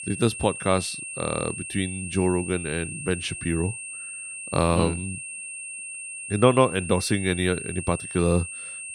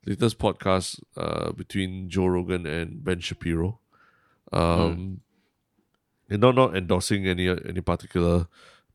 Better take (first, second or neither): second